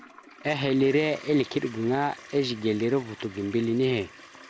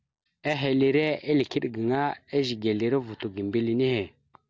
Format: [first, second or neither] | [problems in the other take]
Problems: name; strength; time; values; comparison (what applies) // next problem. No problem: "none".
second | background sound (Toilet flush); 20 dB below the speech